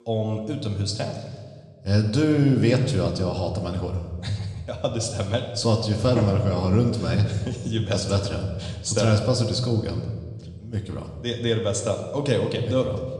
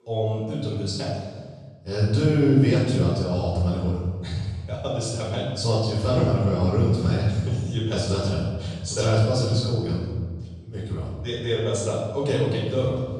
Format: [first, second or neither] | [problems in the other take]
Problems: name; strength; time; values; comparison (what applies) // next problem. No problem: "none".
first | room echo; strong; dies away in 1.4 s; slight in the first // off-mic speech; far